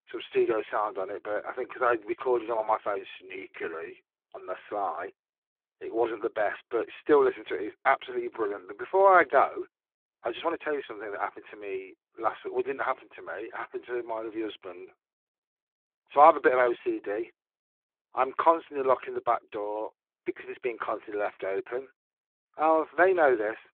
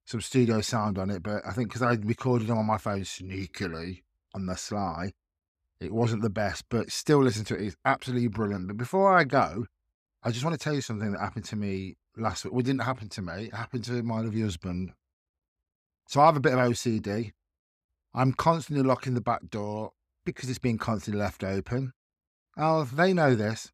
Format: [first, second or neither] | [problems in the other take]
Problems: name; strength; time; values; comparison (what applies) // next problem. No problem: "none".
second | phone-call audio